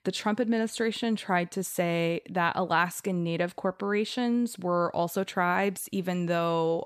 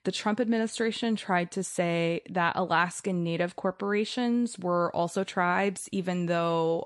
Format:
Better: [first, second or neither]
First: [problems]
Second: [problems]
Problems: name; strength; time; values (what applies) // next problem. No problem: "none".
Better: first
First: none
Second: garbled, watery; slightly; nothing above 11.5 kHz